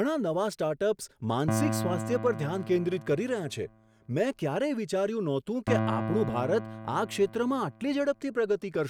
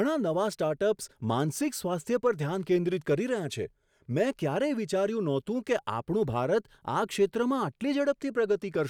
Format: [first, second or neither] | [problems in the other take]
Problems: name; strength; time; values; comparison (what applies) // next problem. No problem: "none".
second | background sound (Piano); 7 dB below the speech